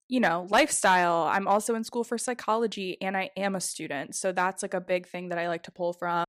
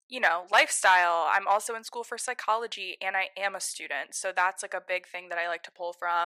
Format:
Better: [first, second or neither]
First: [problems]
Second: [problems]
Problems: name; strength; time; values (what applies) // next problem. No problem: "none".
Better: first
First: none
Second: thin; very; fading below 750 Hz